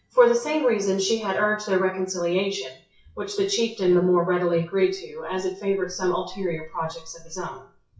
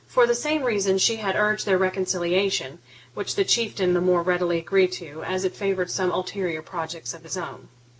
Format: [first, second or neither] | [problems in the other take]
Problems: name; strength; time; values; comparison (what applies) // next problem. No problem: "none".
second | noise reduction (classical method WPE with log-MMSE)